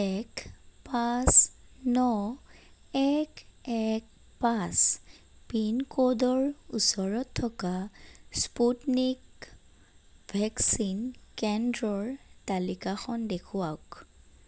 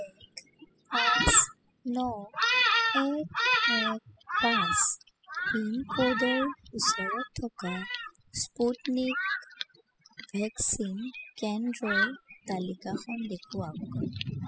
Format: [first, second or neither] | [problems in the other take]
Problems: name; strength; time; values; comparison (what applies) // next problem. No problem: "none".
first | noise reduction (classical method spectral subtraction)